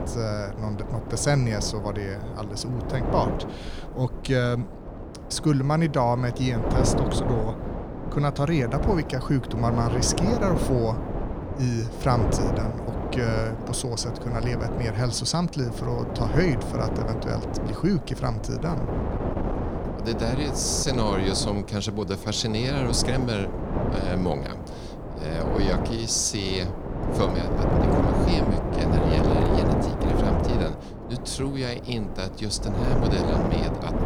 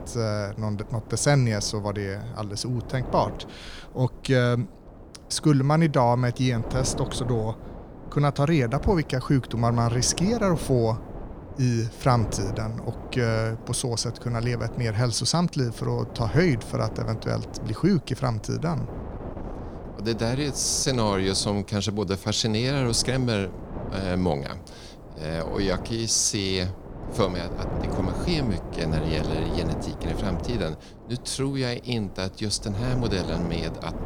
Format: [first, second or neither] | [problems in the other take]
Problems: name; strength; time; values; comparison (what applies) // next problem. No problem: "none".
second | wind noise on the microphone; heavy; 2 dB below the speech; occasional gusts in the second